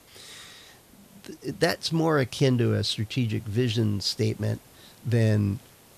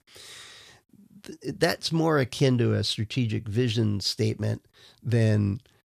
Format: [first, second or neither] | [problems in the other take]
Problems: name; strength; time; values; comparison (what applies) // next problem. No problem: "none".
second | hiss; faint; throughout; 25 dB below the speech